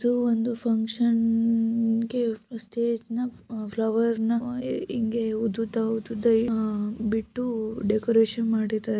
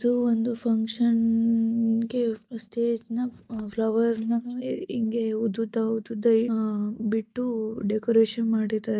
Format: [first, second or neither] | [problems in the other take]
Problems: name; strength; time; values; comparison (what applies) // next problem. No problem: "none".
first | noise reduction (neural mask model DeepFilterNet 3)